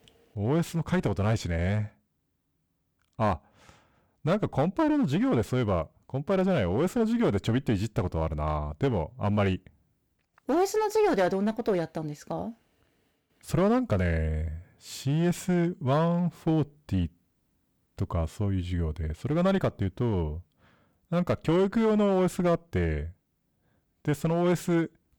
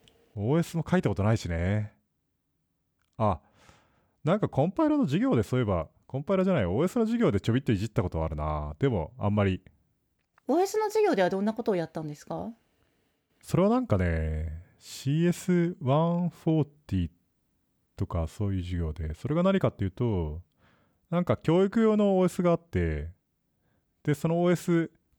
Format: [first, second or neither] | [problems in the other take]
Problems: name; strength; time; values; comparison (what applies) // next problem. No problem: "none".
second | distortion; slight; 6% of the sound clipped